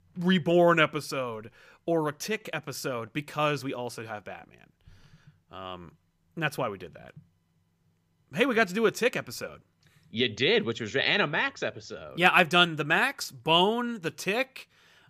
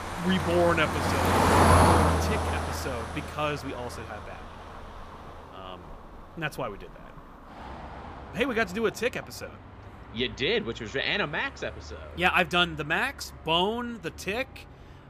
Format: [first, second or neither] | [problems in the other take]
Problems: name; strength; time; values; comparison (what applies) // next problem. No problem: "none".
first | traffic noise; very loud; throughout; 3 dB above the speech